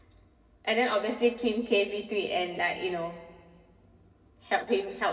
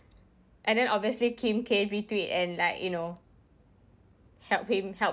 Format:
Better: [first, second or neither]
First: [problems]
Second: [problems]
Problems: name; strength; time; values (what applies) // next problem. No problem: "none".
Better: second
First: room echo; dies away in 2.1 s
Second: none